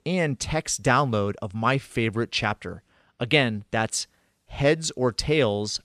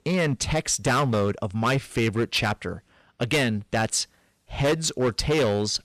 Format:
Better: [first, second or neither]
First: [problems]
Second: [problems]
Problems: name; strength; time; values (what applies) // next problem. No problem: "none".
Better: first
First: none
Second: distortion; heavy; 10% of the sound clipped